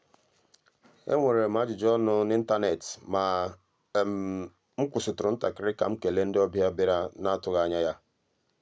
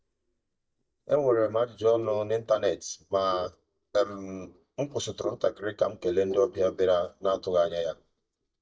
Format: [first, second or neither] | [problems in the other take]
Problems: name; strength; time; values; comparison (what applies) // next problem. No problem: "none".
first | noise reduction (neural mask model DeepFilterNet 3)